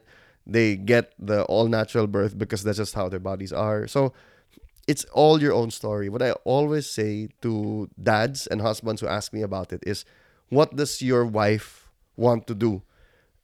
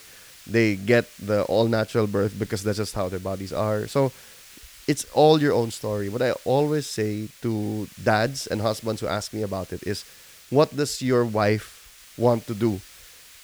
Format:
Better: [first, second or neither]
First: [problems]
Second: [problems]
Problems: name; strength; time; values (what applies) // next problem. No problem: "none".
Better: first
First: none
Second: hiss; faint; throughout; 20 dB below the speech